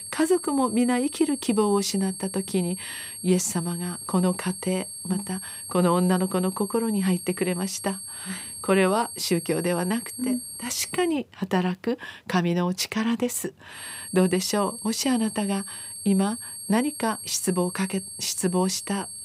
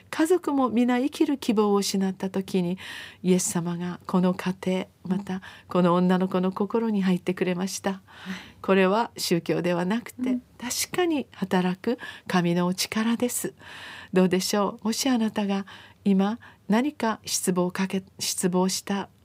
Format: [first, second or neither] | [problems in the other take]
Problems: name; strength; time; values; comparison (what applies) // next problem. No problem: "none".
second | high-pitched whine; loud; until 11 s and from 14 s on; 8.5 kHz, 9 dB below the speech